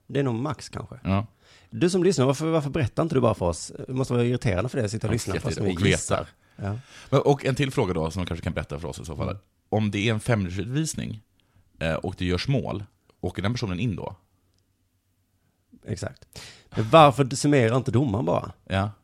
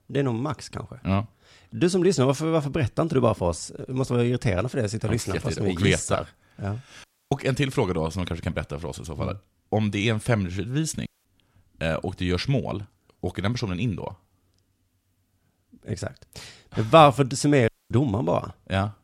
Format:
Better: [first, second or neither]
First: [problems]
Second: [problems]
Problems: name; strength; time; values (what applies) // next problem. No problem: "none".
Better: first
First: none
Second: audio cutting out; at 7 s, at 11 s and at 18 s